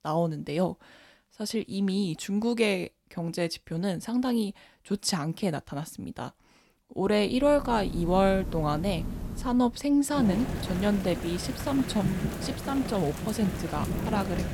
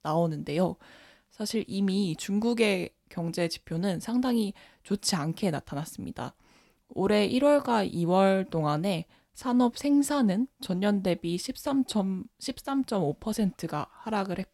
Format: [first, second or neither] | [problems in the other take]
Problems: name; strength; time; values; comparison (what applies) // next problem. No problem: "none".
second | rain or running water; loud; from 7.5 s on; 6 dB below the speech